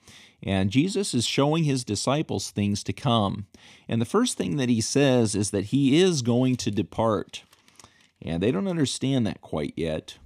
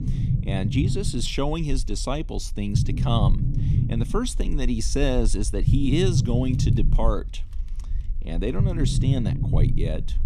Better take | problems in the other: first | low rumble; loud; throughout; 6 dB below the speech

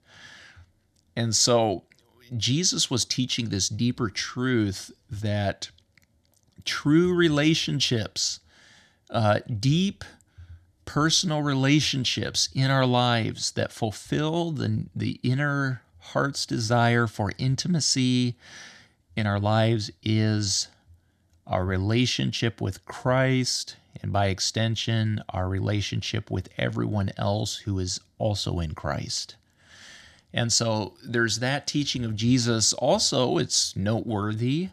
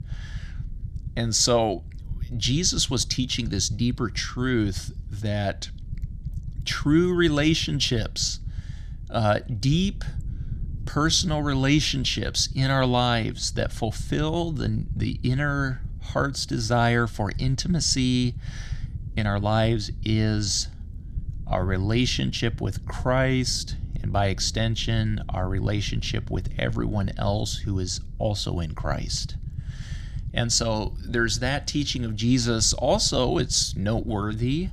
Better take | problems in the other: first | low rumble; faint; throughout; 25 dB below the speech

